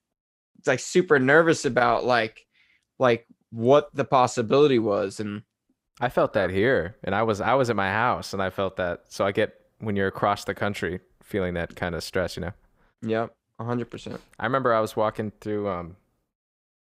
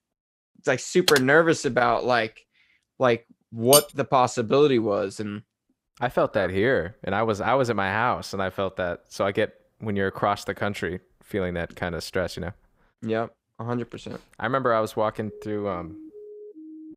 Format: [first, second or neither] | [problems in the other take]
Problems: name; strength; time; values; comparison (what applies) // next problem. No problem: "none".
first | keyboard typing; noticeable; at 1 s; peak level with the speech // clattering dishes; loud; at 3.5 s; peak 4 dB above the speech // siren; faint; from 15 s on; peak 20 dB below the speech